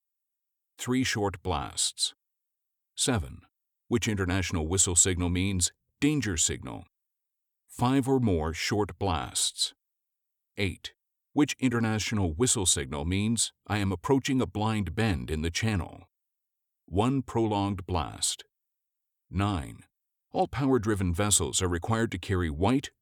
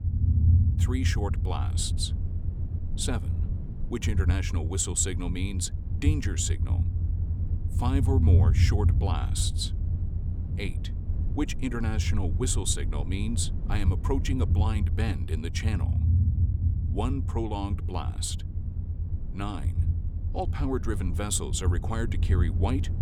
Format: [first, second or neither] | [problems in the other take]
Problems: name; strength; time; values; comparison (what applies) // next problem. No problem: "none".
first | low rumble; loud; throughout; 9 dB below the speech